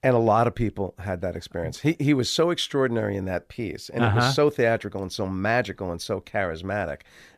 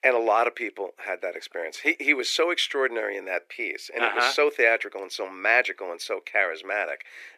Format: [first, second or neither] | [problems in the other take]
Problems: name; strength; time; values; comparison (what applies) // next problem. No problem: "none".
first | thin; very; fading below 350 Hz